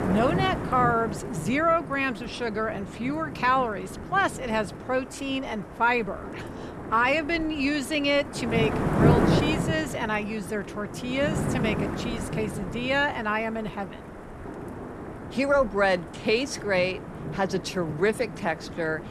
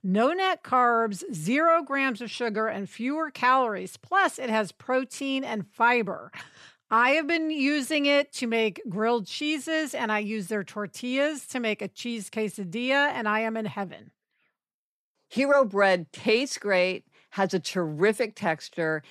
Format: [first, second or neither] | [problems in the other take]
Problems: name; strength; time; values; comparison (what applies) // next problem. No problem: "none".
second | wind noise on the microphone; heavy; 9 dB below the speech